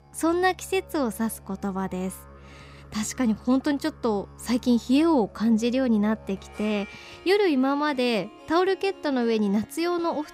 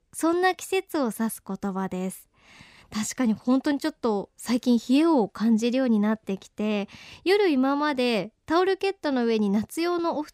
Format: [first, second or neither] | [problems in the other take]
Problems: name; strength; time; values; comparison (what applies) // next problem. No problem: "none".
second | background music; faint; throughout; 20 dB below the speech